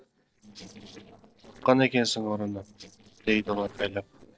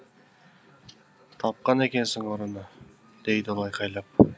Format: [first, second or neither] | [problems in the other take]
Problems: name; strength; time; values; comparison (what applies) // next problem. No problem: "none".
second | noise reduction (neural separator model SepFormer DNS4)